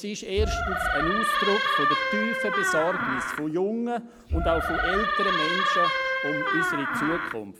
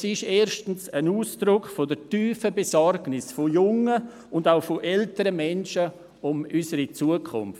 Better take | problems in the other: second | background sound (Door); 4 dB above the speech

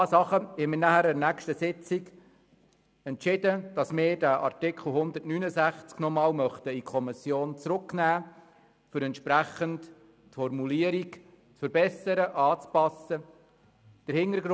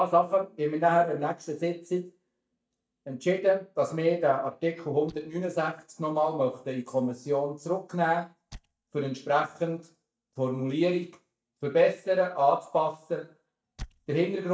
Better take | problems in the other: first | noise reduction (neural mask model DeepFilterNet 3)

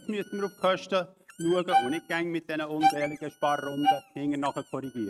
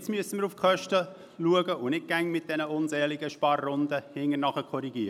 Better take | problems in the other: second | noise reduction (neural mask model RNNoise)

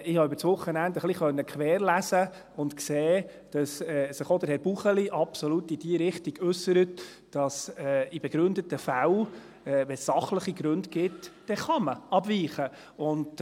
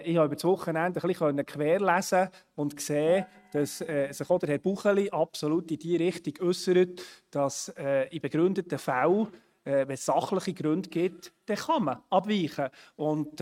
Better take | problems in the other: first | noise reduction (neural mask model RNNoise)

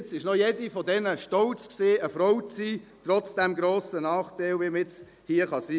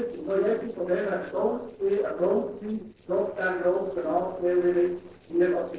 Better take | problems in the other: first | noise reduction (neural separator model SepFormer DNS4)

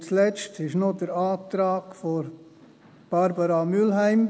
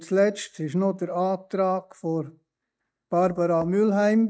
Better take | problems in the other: first | noise reduction (neural mask model DeepFilterNet 3)

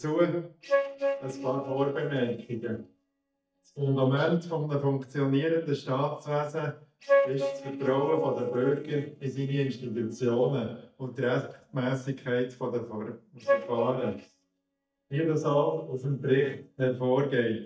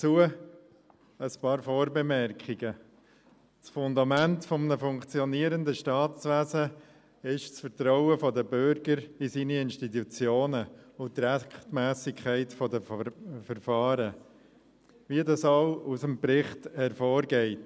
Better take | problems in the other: second | noise reduction (neural mask model DeepFilterNet 3)

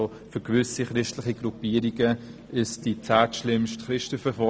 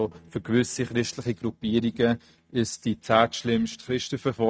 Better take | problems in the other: first | noise reduction (neural mask model RNNoise)

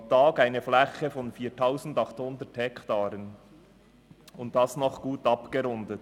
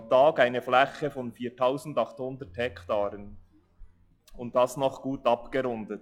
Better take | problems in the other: first | noise reduction (classical method log-MMSE)

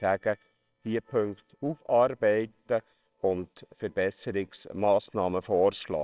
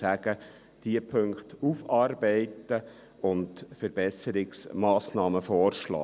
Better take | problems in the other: second | noise reduction (neural separator model SepFormer WHAMR!)

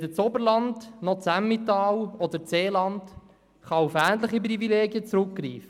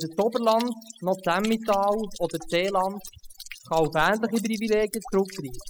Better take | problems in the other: first | noise reduction (classical method spectral subtraction)

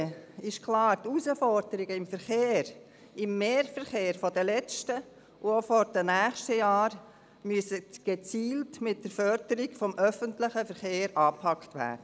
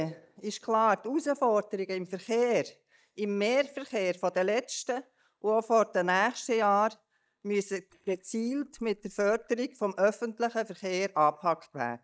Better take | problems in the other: first | noise reduction (neural mask model DeepFilterNet 3)

